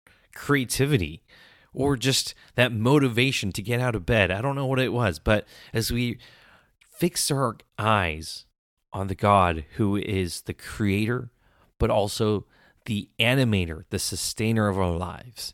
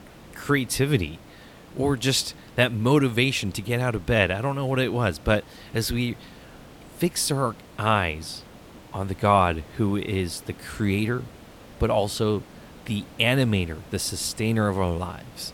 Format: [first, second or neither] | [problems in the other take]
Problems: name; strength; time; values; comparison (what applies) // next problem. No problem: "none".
first | hiss; faint; throughout; 20 dB below the speech